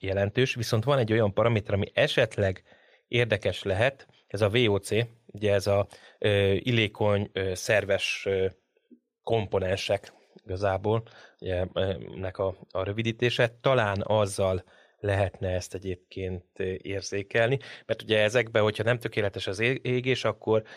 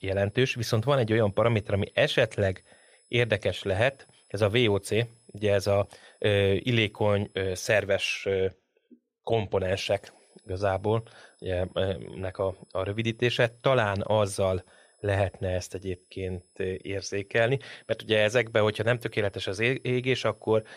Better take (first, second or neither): first